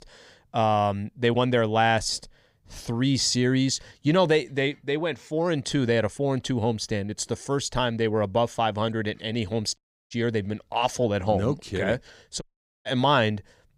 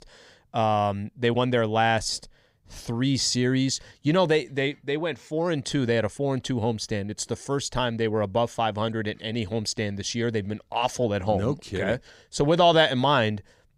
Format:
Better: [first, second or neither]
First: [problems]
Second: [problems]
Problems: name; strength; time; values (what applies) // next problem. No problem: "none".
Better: second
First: audio cutting out; at 10 s and at 12 s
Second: none